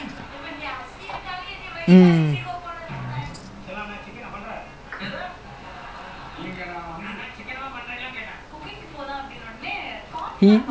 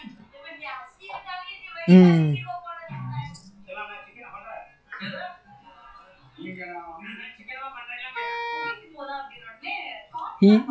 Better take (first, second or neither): first